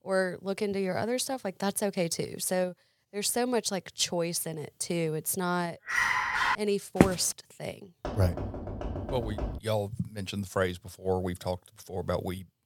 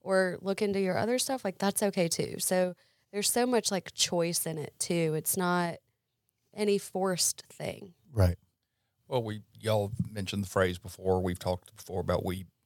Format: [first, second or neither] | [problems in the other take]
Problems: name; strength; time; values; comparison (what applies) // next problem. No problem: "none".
second | dog barking; loud; at 6 s; peak 6 dB above the speech // footsteps; loud; at 7 s; peak 5 dB above the speech // door banging; noticeable; from 8 to 9.5 s; peak 5 dB below the speech